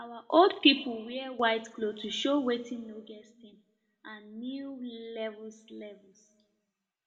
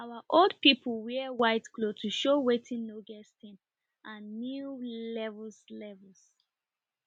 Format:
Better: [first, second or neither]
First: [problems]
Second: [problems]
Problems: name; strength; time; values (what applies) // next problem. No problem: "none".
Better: second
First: room echo; dies away in 1.4 s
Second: none